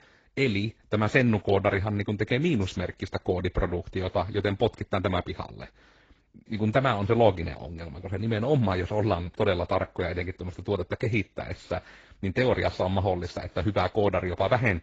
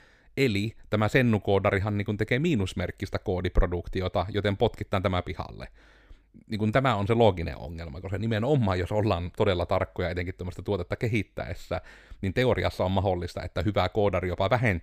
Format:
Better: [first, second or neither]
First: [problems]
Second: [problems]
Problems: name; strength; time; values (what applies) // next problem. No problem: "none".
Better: second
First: garbled, watery; badly; nothing above 7.5 kHz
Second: none